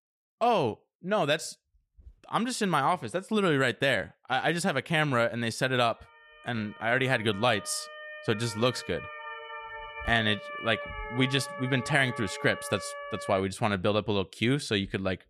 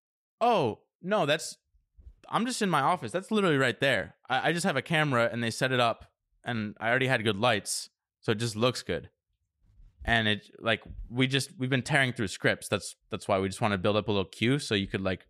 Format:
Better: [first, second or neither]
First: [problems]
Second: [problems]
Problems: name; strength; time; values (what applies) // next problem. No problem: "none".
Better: second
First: siren; noticeable; from 6 to 13 s; peak 9 dB below the speech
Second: none